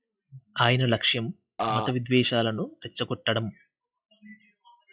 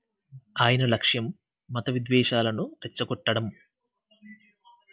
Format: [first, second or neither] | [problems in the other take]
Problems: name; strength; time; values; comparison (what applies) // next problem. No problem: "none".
second | noise reduction (classical method log-MMSE)